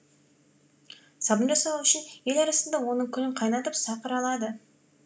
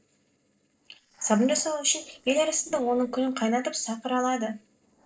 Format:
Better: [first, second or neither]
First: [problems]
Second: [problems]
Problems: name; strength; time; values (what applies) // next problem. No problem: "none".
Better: first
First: none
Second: noise reduction (neural separator model SepFormer DNS4)